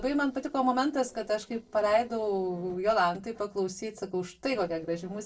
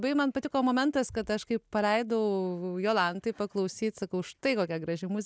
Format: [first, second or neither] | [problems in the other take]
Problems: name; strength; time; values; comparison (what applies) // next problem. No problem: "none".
second | noise reduction (neural separator model SepFormer DNS4)